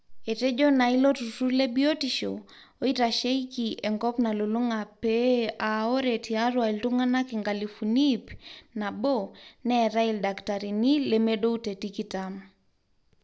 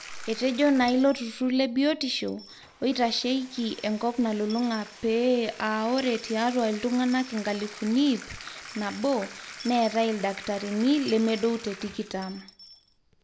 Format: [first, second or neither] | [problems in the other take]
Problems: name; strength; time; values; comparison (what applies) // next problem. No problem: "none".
first | background sound (Coin (dropping) / Dishes, pots, and pans + Bathtub (filling or washing)); 17 dB below the speech